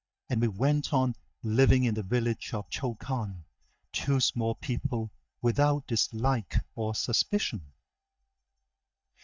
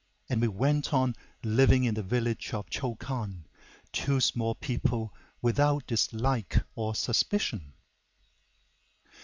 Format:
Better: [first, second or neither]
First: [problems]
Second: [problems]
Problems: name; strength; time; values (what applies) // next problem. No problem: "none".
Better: second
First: noise reduction (neural mask model DeepFilterNet 3)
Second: none